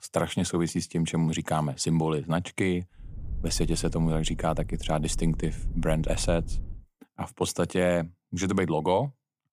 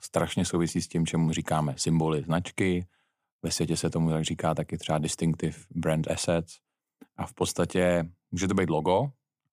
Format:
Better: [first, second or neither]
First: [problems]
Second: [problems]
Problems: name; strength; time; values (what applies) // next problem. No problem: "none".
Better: second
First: low rumble; faint; from 3 to 6.5 s; 25 dB below the speech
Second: none